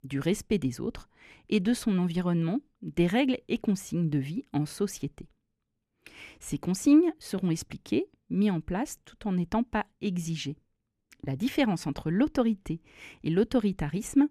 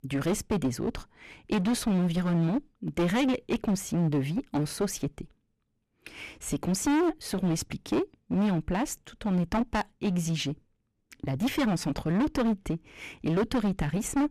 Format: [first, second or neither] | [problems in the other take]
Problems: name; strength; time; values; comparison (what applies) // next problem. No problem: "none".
first | distortion; heavy; 16% of the sound clipped